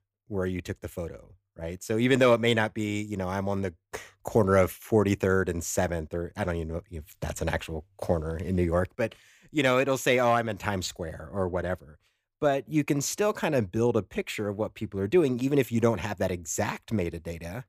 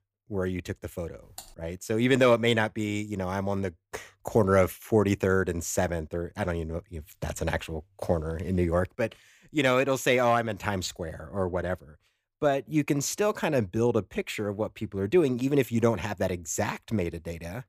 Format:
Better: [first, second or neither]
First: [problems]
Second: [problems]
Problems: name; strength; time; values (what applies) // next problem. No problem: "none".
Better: first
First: none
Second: keyboard typing; faint; at 1.5 s; peak 20 dB below the speech